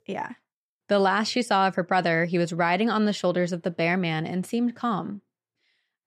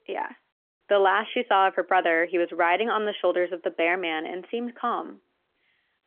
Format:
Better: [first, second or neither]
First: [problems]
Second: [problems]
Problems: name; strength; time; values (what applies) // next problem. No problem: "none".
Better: first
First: none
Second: phone-call audio; nothing above 3.5 kHz